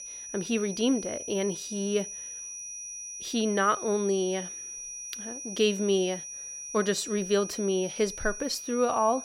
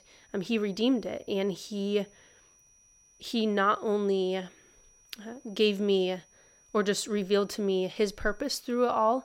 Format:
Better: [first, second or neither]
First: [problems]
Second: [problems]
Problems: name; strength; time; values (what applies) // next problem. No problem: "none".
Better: second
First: high-pitched whine; loud; throughout; 6 kHz, 8 dB below the speech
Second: high-pitched whine; faint; throughout; 6 kHz, 30 dB below the speech